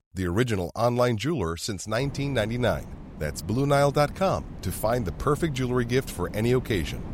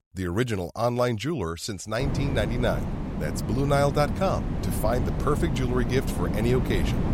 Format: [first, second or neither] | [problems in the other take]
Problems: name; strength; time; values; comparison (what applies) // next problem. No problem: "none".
first | wind noise on the microphone; heavy; from 2 s on; 8 dB below the speech; occasional gusts in the first